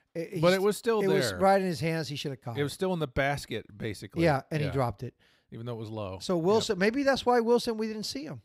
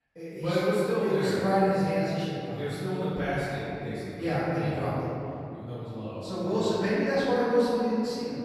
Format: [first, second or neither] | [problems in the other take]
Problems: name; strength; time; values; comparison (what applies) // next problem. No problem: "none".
first | off-mic speech; far // room echo; strong; dies away in 2.8 s